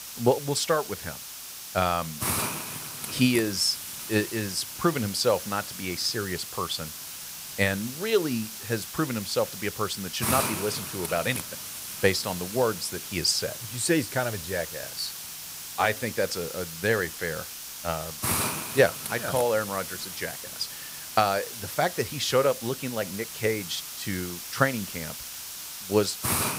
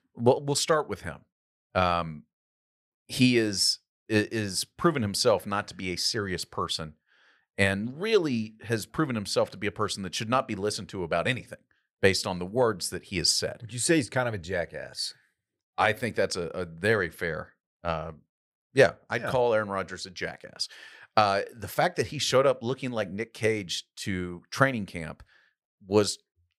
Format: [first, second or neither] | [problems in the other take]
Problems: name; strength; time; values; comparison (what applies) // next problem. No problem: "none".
second | hiss; loud; throughout; 6 dB below the speech